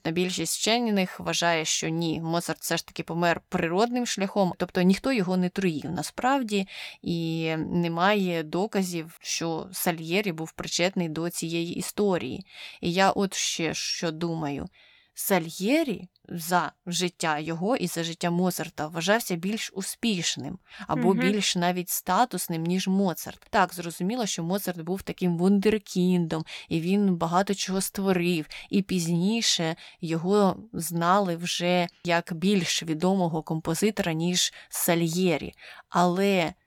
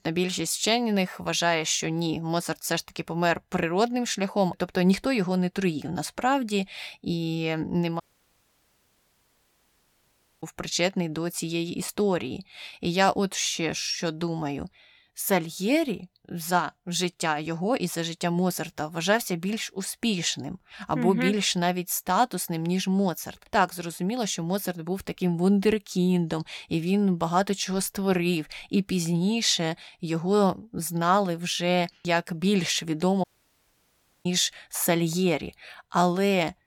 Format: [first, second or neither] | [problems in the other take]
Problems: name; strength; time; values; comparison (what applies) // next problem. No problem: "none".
first | audio cutting out; at 8 s for 2.5 s and at 33 s for 1 s